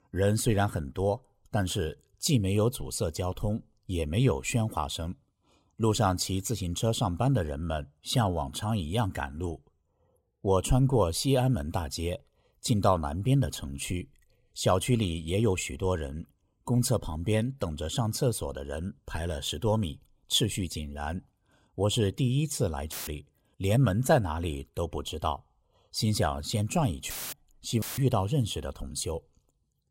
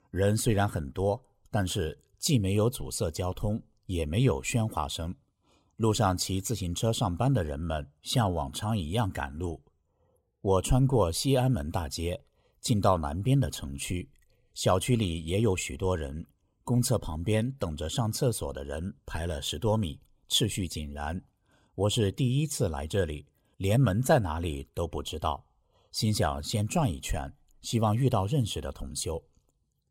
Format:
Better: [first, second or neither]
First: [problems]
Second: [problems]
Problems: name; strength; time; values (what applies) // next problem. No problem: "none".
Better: second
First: audio cutting out; filled with static; at 23 s, at 27 s and at 28 s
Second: none